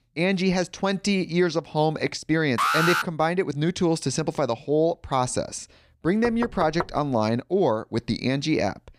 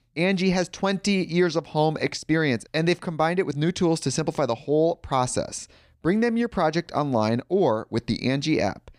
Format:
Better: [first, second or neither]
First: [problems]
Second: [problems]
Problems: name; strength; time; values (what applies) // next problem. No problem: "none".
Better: second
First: alarm; loud; at 2.5 s; peak 3 dB above the speech // door banging; noticeable; at 6 s; peak 8 dB below the speech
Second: none